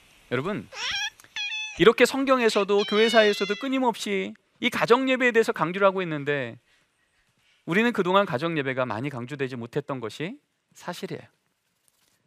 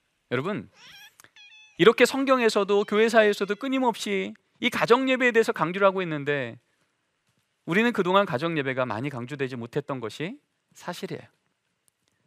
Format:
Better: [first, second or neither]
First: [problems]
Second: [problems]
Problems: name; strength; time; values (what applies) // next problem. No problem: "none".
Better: second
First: animal sounds; loud; throughout; 7 dB below the speech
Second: animal sounds; faint; throughout; 25 dB below the speech